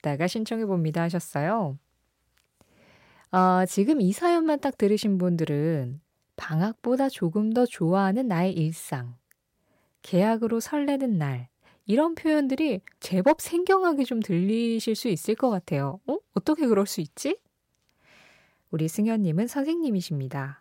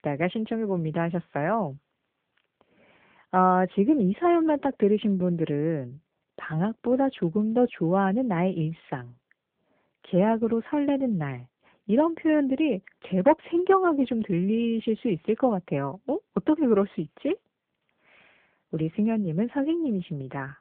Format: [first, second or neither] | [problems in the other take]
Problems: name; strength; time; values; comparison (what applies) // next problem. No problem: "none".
first | phone-call audio